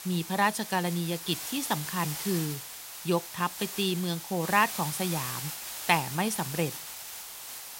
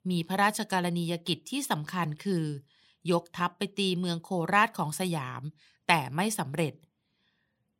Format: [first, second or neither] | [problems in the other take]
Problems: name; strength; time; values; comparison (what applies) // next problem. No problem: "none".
second | hiss; loud; throughout; 6 dB below the speech